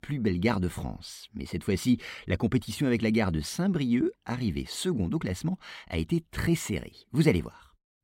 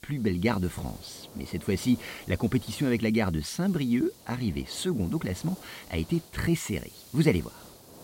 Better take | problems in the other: first | hiss; noticeable; throughout; 20 dB below the speech

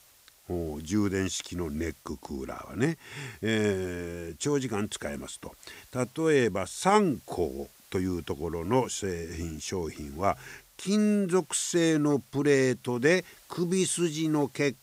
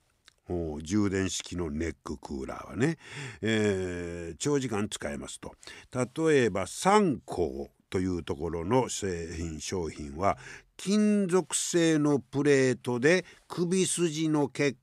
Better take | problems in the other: second | hiss; faint; throughout; 25 dB below the speech

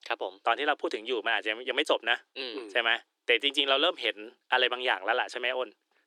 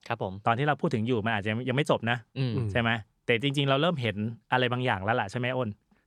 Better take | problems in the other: second | thin; very; fading below 300 Hz

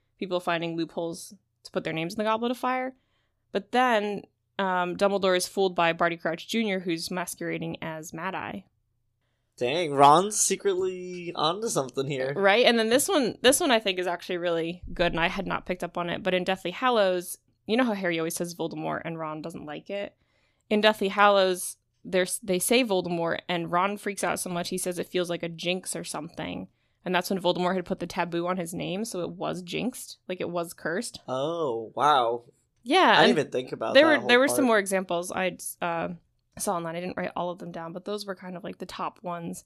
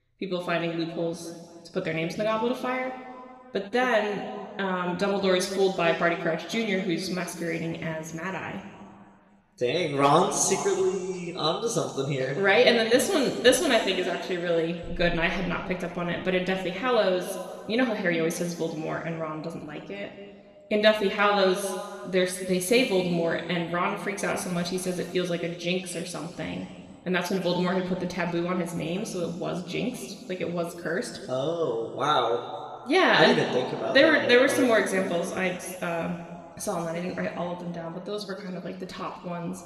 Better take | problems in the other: first | room echo; slight; dies away in 2 s // off-mic speech; somewhat distant

